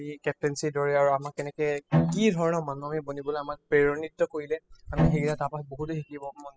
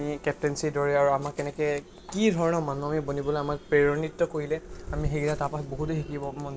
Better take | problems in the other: second | noise reduction (classical method spectral subtraction)

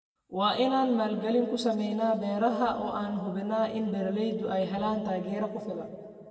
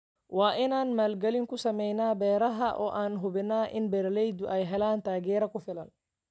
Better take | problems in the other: second | room echo; dies away in 1.8 s

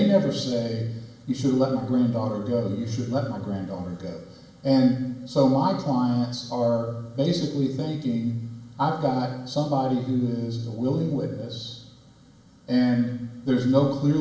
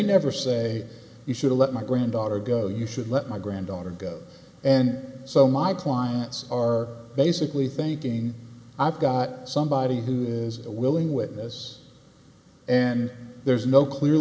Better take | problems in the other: second | room echo; dies away in 0.7 s

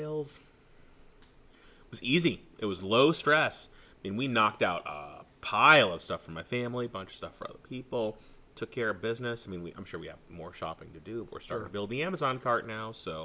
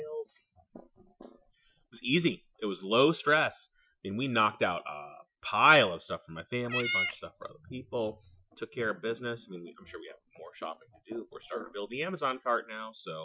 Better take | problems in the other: first | noise reduction (classical method Wiener filter)

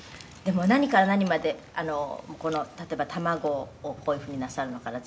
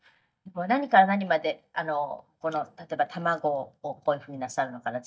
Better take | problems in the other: first | noise reduction (neural mask model DeepFilterNet 3)

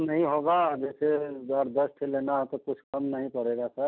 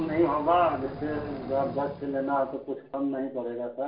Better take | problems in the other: first | background sound (Wild animals); 13 dB below the speech // room echo; dies away in 0.4 s

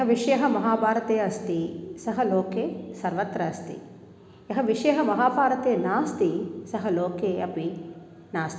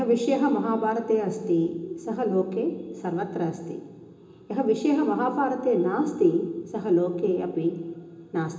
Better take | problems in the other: first | room echo; dies away in 0.2 s

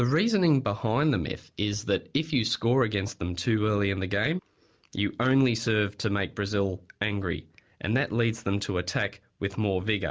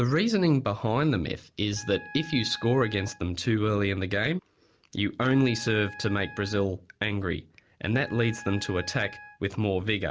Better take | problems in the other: first | background sound (Wind instrument, woodwind instrument); 19 dB below the speech

